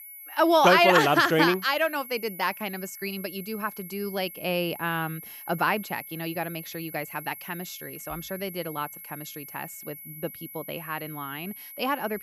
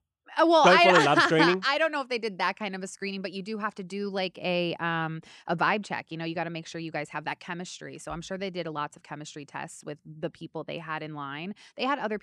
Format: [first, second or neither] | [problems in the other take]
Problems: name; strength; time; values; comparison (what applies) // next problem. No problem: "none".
second | high-pitched whine; noticeable; throughout; 11.5 kHz, 15 dB below the speech